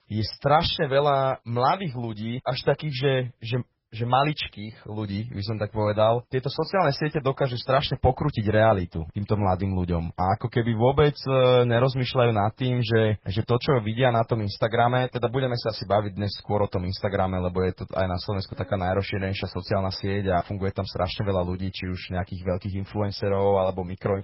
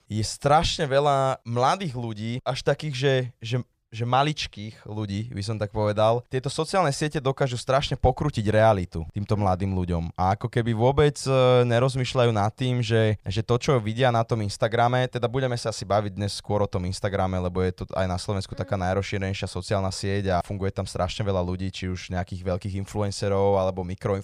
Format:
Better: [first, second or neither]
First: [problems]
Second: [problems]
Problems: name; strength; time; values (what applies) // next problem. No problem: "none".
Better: second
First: garbled, watery; badly; nothing above 5.5 kHz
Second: none